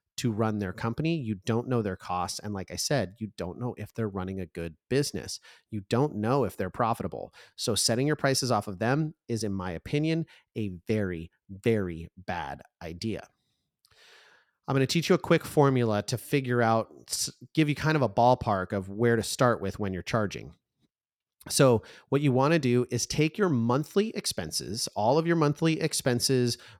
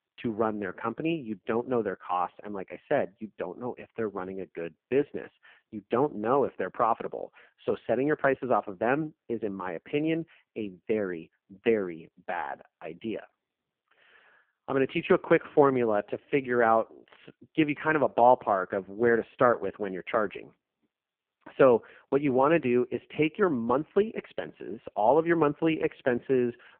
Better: first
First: none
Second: phone-call audio; poor line

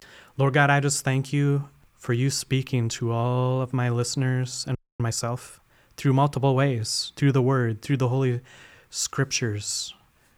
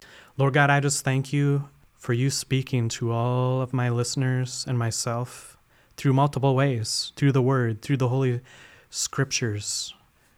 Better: second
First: audio freezing; at 5 s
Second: none

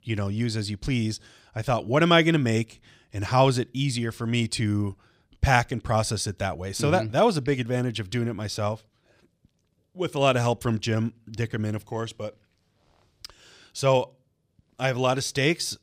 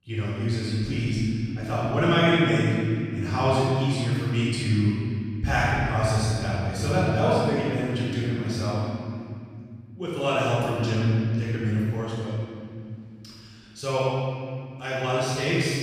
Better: first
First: none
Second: room echo; strong; dies away in 2.8 s // off-mic speech; far

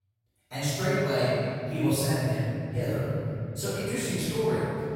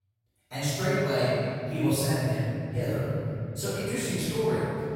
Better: neither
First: off-mic speech; far // room echo; strong; dies away in 3 s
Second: off-mic speech; far // room echo; strong; dies away in 3 s

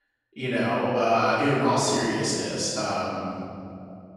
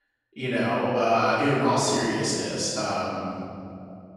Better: neither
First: off-mic speech; far // room echo; strong; dies away in 2.5 s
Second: off-mic speech; far // room echo; strong; dies away in 2.5 s

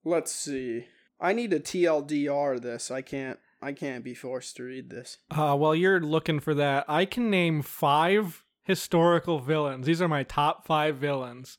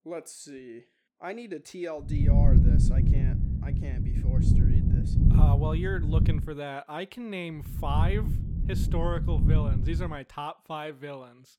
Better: first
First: none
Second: wind noise on the microphone; heavy; from 2 to 6.5 s and from 7.5 to 10 s; 2 dB below the speech

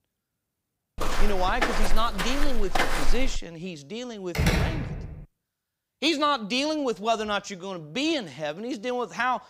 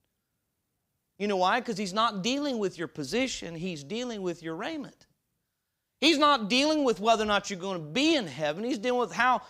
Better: second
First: footsteps; loud; from 1 to 3.5 s; peak 3 dB above the speech // door banging; loud; at 4.5 s; peak 4 dB above the speech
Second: none

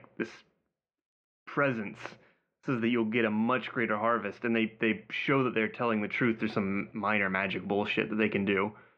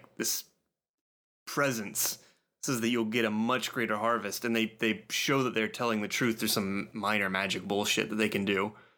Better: second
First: muffled; very; fading above 2.5 kHz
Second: none

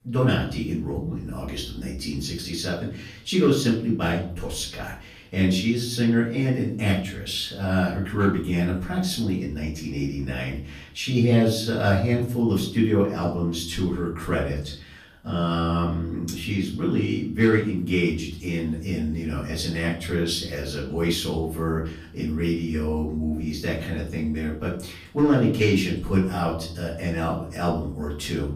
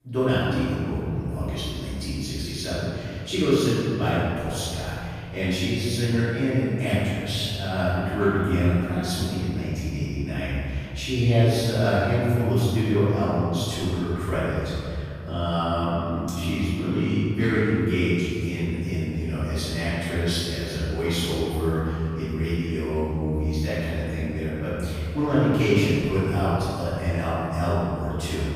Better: first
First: room echo; slight; dies away in 0.5 s // off-mic speech; far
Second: room echo; strong; dies away in 3 s // off-mic speech; far

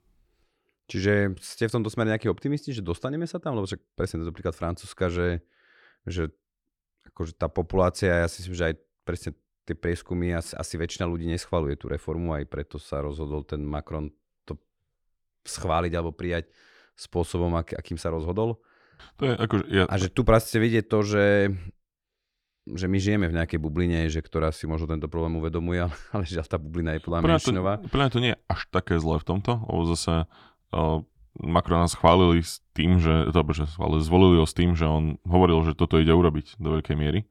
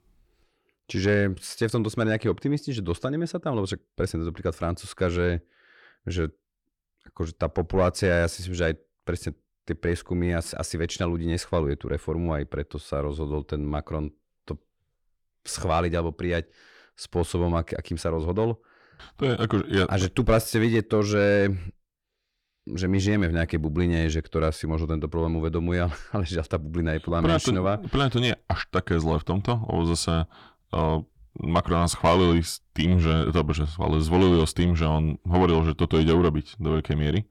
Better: first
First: none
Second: distortion; slight; 10 dB below the speech

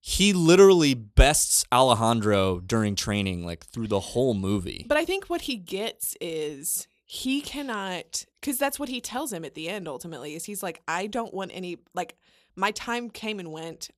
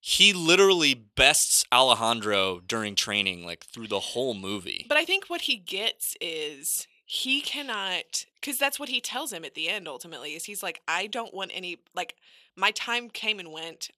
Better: first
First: none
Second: thin; somewhat; fading below 1 kHz

